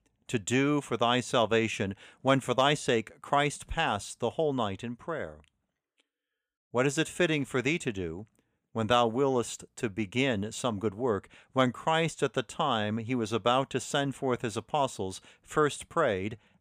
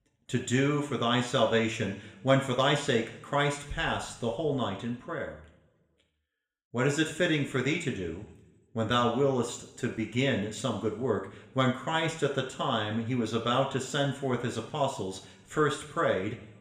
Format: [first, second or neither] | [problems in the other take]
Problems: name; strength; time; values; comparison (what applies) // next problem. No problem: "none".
first | room echo; slight; dies away in 0.8 s // off-mic speech; somewhat distant